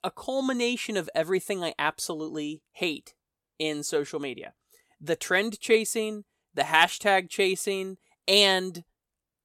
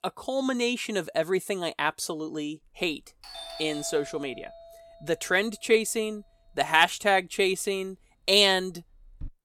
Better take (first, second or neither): first